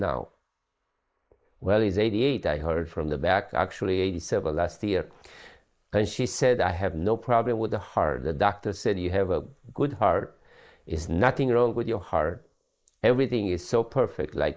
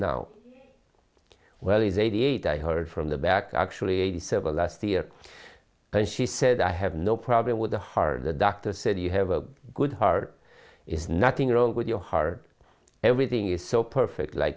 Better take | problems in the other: second | noise reduction (neural mask model Resemble Enhance denoiser)

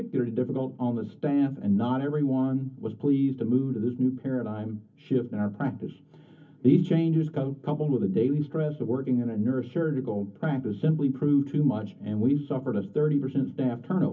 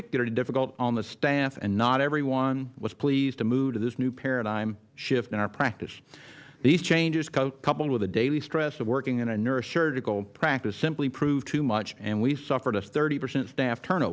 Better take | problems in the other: second | room echo; dies away in 0.3 s

